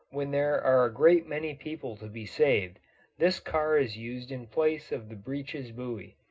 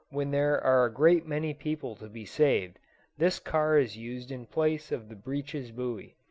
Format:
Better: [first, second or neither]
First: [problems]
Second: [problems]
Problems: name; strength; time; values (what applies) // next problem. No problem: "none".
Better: second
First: room echo; dies away in 0.2 s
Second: none